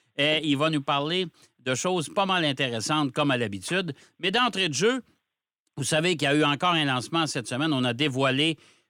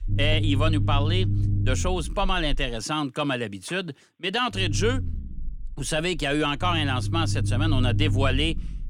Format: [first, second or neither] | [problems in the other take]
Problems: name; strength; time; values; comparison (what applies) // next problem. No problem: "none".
first | low rumble; noticeable; until 3 s and from 4.5 s on; 15 dB below the speech